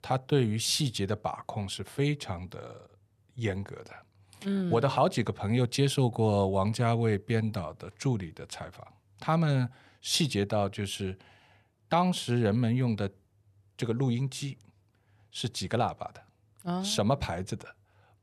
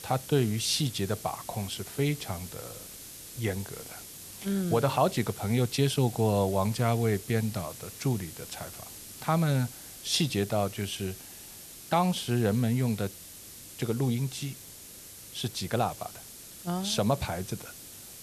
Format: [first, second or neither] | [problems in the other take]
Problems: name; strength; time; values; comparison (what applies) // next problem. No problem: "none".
first | hiss; noticeable; throughout; 15 dB below the speech